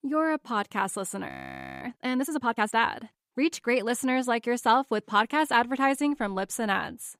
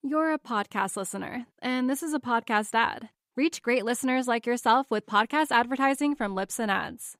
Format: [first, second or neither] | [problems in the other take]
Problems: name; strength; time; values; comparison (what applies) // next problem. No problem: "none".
second | audio freezing; at 1.5 s for 0.5 s